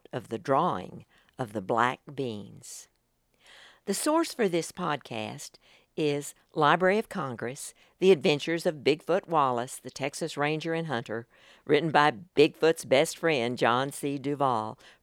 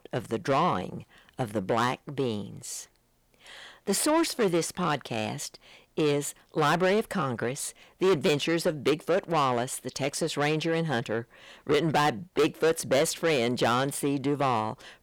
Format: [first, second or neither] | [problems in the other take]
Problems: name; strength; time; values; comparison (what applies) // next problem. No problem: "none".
first | distortion; heavy; 7 dB below the speech